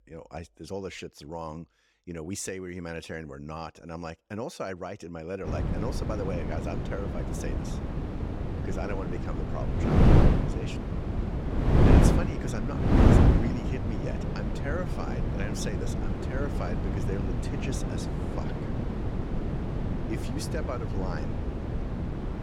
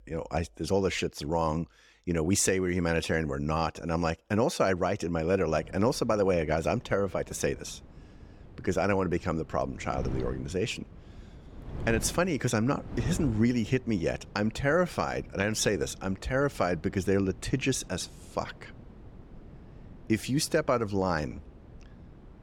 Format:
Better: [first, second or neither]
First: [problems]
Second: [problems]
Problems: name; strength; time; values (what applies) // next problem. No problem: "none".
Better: second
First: wind noise on the microphone; heavy; from 5.5 s on; 4 dB above the speech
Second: wind noise on the microphone; occasional gusts; from 5.5 s on; 20 dB below the speech